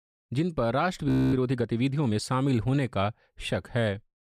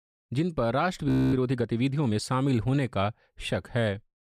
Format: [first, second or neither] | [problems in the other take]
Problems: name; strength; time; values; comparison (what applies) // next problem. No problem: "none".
neither | audio freezing; at 1 s; the same in both